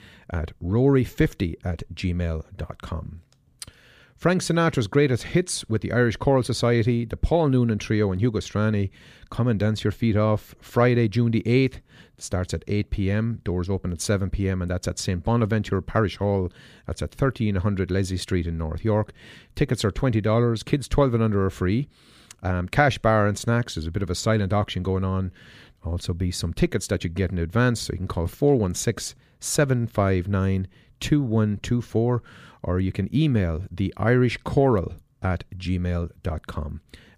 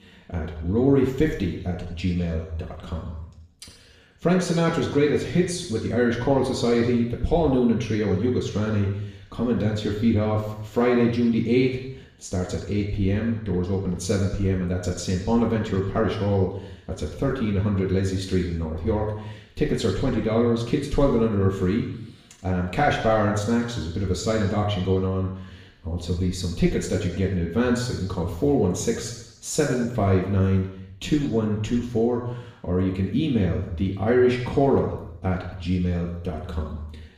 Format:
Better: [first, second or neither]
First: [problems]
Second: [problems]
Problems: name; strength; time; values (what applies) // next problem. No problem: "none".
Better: first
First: none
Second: room echo; noticeable; dies away in 0.9 s // off-mic speech; far